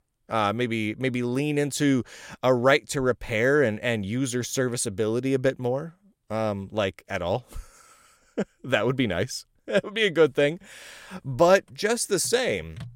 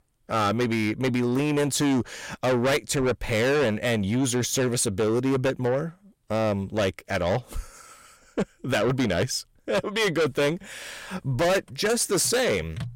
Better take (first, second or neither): first